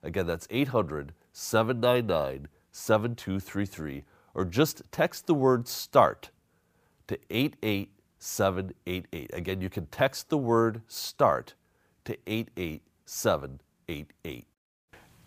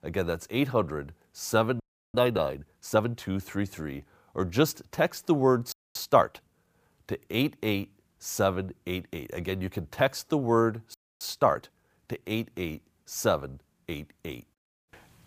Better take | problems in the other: first | audio freezing; at 2 s, at 5.5 s and at 11 s

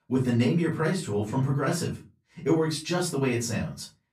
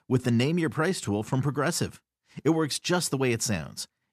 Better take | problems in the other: second | off-mic speech; far // room echo; slight; dies away in 0.3 s

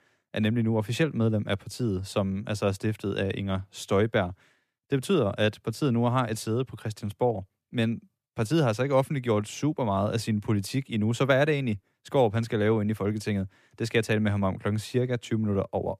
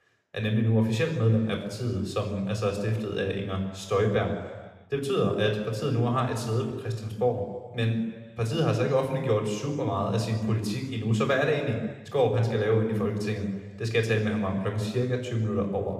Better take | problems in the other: first | room echo; noticeable; dies away in 1.2 s // off-mic speech; somewhat distant

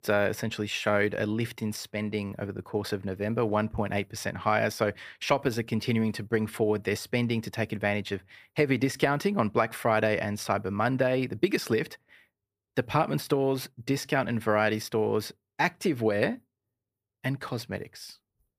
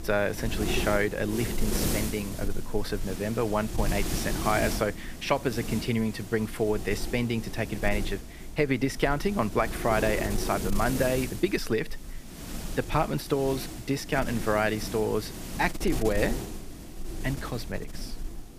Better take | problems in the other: first | wind noise on the microphone; heavy; 10 dB below the speech

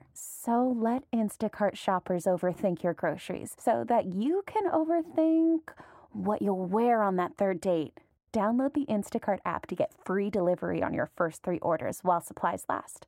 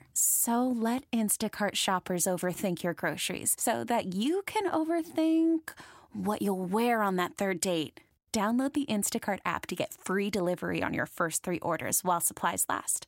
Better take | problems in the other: second | muffled; very; fading above 2.5 kHz

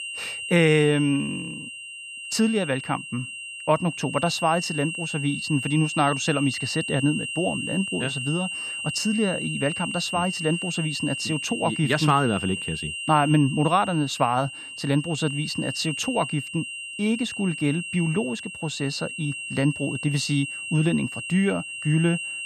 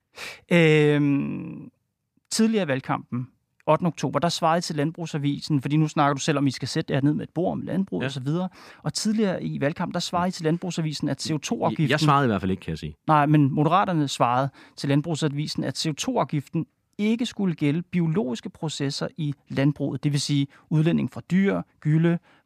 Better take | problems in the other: second | high-pitched whine; loud; throughout; 3 kHz, 6 dB below the speech

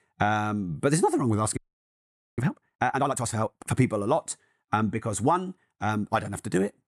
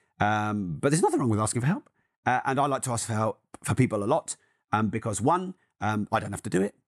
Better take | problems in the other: second | audio freezing; at 1.5 s for 1 s

